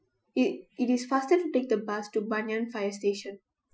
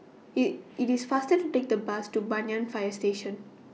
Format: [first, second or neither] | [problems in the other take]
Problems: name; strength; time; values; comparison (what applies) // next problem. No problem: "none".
second | noise reduction (classical method Wiener filter)